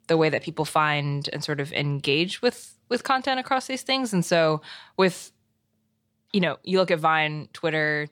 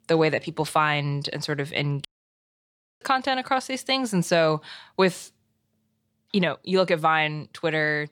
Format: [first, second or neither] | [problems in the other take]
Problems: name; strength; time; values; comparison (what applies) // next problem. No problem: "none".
first | audio cutting out; at 2 s for 1 s